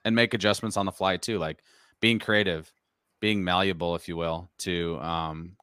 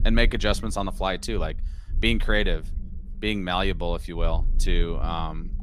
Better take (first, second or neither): first